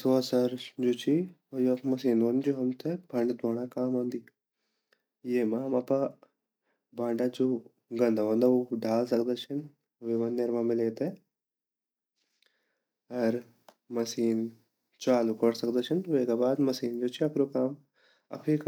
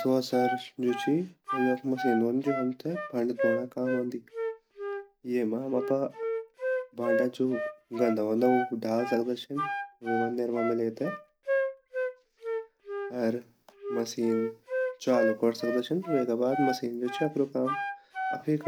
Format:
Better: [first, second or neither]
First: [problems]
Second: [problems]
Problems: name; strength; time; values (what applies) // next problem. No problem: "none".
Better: first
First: none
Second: background sound (Wind instrument, woodwind instrument); 4 dB below the speech